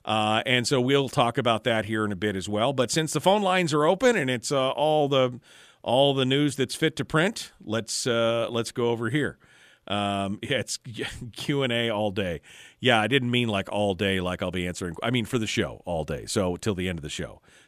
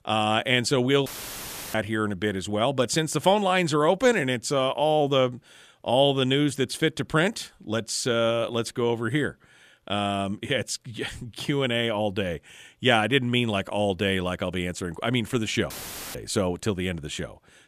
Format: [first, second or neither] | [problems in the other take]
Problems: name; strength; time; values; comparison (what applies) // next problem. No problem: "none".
first | audio cutting out; filled with static; at 1 s for 0.5 s and at 16 s